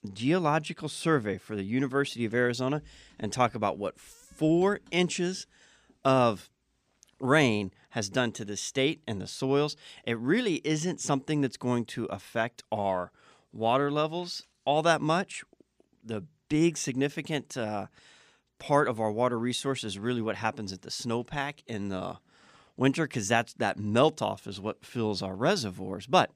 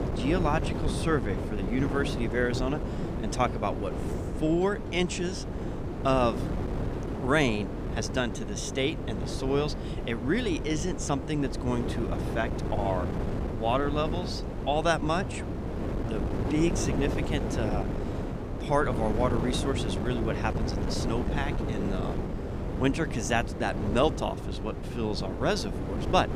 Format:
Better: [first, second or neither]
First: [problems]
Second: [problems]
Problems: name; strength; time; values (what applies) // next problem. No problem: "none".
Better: first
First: none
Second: wind noise on the microphone; heavy; 7 dB below the speech